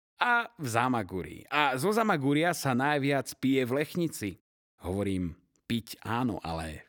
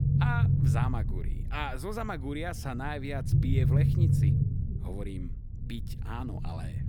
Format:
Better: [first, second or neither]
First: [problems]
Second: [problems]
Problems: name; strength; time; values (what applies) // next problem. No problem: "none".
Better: first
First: none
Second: low rumble; loud; throughout; 1 dB below the speech